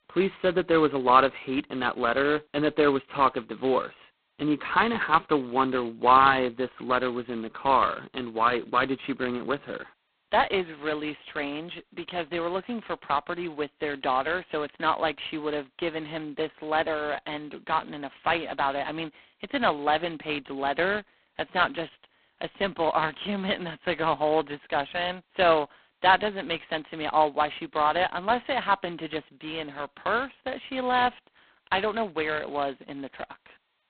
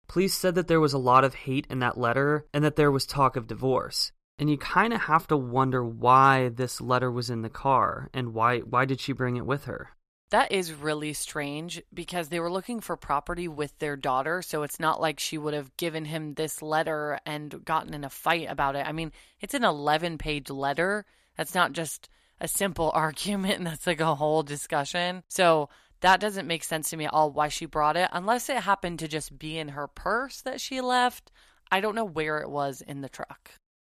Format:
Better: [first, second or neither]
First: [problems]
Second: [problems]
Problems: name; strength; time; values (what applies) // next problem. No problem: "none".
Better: second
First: phone-call audio; poor line; nothing above 4 kHz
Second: none